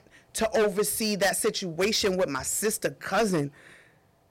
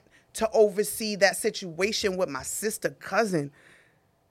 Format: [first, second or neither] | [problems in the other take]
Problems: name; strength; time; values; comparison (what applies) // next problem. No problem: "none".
second | distortion; heavy; 8% of the sound clipped